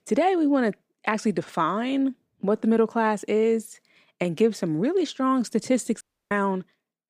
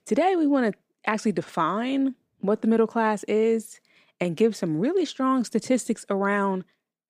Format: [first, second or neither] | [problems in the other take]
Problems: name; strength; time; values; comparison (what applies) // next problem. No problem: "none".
second | audio cutting out; at 6 s